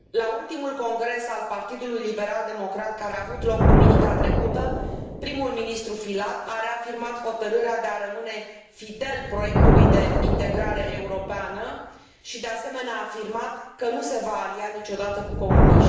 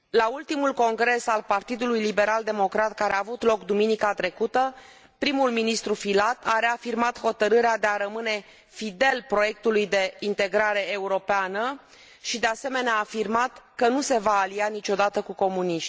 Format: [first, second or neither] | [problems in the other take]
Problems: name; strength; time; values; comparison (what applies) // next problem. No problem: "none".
second | background sound (Thunder); 5 dB above the speech // room echo; dies away in 0.8 s